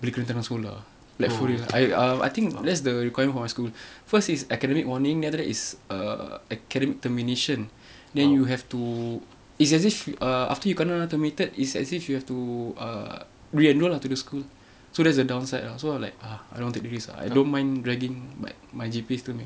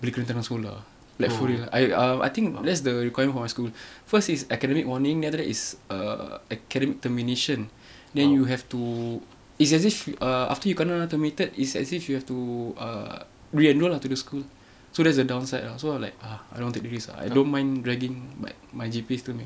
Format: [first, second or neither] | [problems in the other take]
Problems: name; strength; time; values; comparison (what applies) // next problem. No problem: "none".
second | background sound (Water / Splash, splatter); 19 dB below the speech